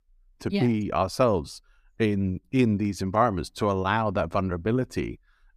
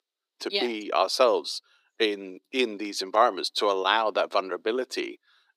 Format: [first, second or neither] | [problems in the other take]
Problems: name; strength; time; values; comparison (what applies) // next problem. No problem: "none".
first | thin; very; fading below 350 Hz